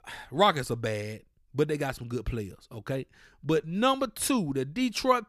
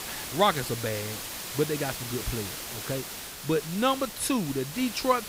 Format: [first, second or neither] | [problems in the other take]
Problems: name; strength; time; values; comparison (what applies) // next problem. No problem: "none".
first | hiss; loud; throughout; 6 dB below the speech